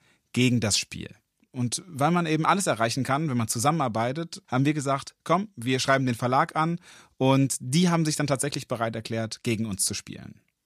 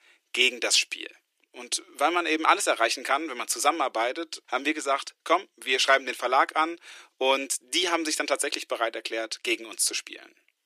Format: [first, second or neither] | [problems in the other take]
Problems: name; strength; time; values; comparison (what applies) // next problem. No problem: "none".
first | thin; very; fading below 300 Hz